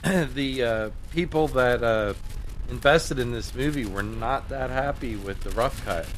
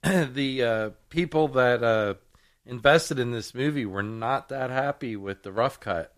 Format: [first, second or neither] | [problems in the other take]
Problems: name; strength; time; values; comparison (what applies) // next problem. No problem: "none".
second | wind noise on the microphone; occasional gusts; 20 dB below the speech